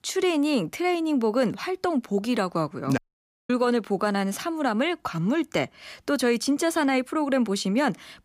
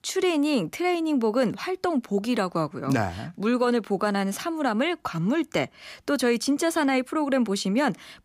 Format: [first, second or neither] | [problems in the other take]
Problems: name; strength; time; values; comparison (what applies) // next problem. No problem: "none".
second | audio cutting out; at 3 s for 0.5 s